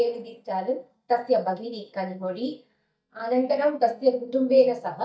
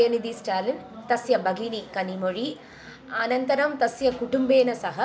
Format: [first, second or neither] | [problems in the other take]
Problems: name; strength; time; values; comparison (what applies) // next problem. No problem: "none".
second | noise reduction (neural mask model DeepFilterNet 3)